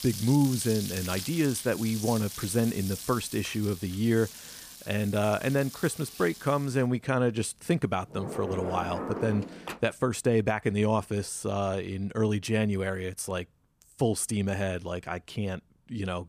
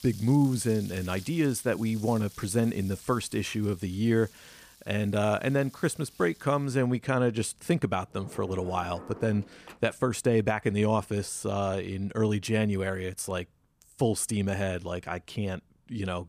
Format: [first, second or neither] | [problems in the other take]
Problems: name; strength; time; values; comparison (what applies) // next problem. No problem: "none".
second | household noises; loud; until 9.5 s; 10 dB below the speech; faint in the second